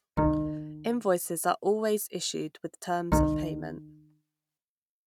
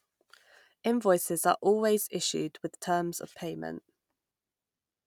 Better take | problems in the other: second | noise reduction (neural mask model RNNoise)

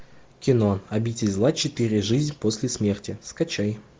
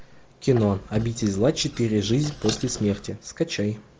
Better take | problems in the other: first | background sound (Squeak); 14 dB below the speech

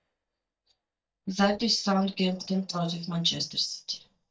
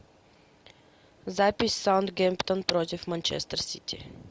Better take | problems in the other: second | noise reduction (neural mask model DeepFilterNet 3)

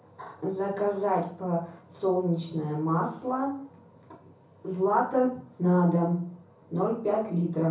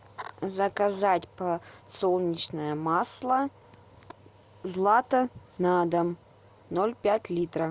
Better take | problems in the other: second | room echo; dies away in 0.6 s

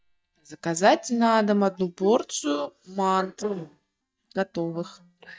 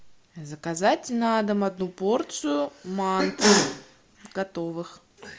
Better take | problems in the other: second | noise reduction (neural mask model DeepFilterNet 3)

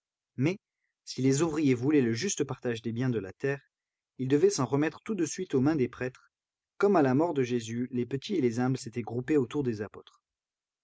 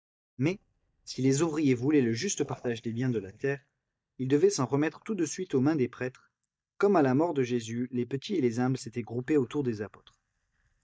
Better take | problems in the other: first | noise reduction (neural mask model DeepFilterNet 3)

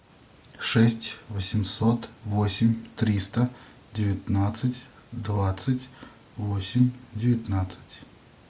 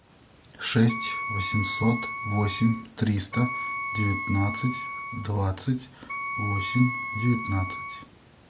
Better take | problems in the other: first | background sound (Wind instrument, woodwind instrument); 6 dB below the speech

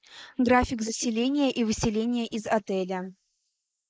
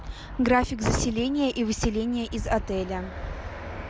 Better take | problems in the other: second | noise reduction (neural mask model Resemble Enhance denoiser)

